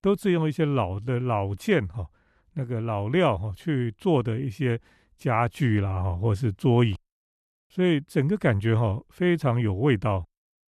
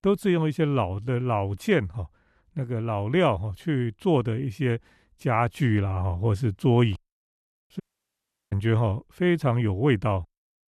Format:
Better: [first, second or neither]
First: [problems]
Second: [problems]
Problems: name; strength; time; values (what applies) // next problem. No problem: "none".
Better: first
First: none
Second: audio cutting out; at 8 s for 0.5 s